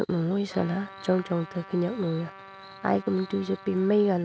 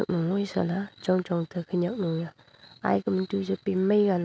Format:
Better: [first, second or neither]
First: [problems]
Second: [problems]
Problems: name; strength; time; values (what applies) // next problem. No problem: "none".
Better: second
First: background sound (Trumpet); 19 dB below the speech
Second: none